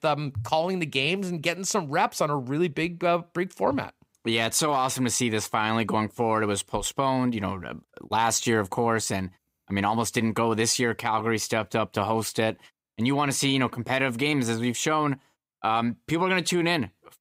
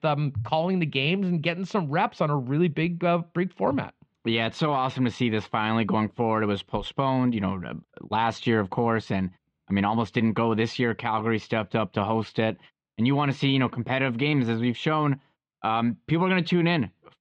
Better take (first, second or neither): first